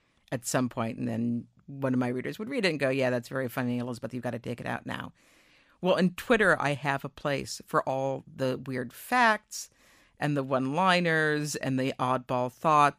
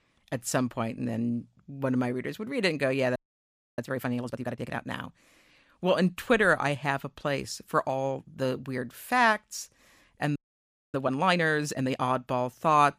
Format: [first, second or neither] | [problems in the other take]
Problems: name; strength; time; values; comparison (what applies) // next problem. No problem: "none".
first | audio freezing; at 3 s for 0.5 s and at 10 s for 0.5 s